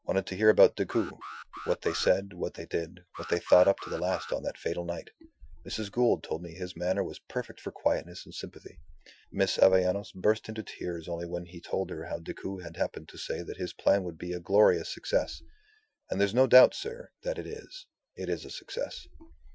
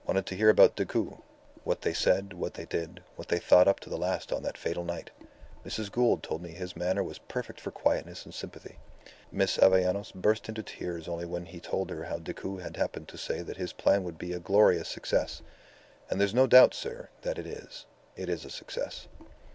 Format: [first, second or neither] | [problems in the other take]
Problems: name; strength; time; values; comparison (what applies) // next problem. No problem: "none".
second | noise reduction (classical method Wiener filter)